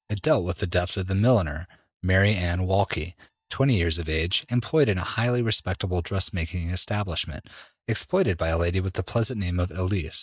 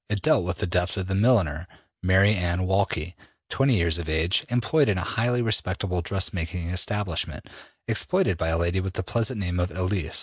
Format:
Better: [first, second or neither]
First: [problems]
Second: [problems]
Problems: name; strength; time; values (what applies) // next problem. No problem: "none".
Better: second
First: noise reduction (neural mask model DeepFilterNet 3)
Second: none